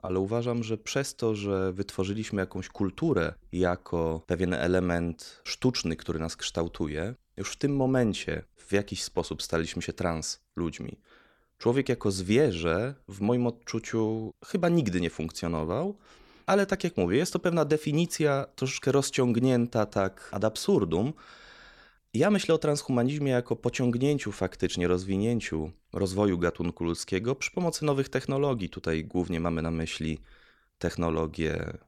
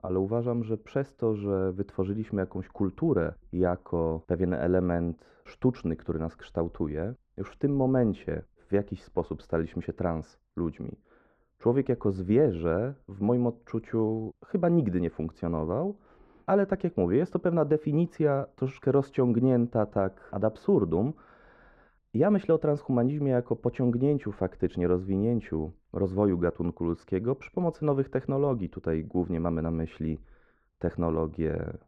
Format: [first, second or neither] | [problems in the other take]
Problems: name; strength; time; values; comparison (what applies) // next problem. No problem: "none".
first | muffled; very; fading above 2.5 kHz